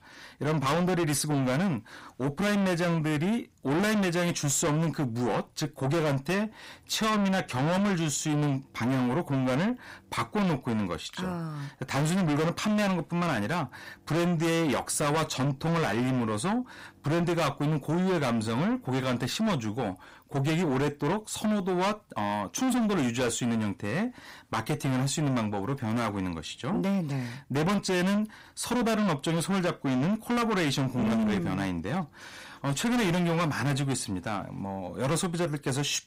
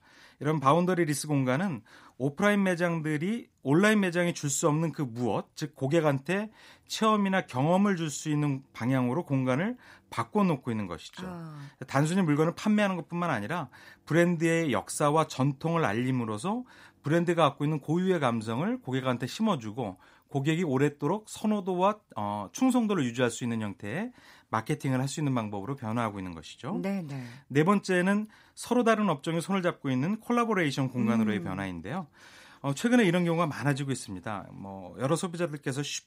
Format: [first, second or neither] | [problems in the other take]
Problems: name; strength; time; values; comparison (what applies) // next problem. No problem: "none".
second | distortion; heavy; 5 dB below the speech